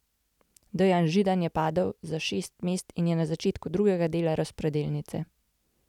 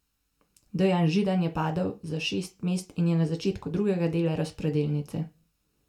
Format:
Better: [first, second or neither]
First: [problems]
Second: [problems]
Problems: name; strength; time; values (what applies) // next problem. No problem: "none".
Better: first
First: none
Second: room echo; dies away in 0.2 s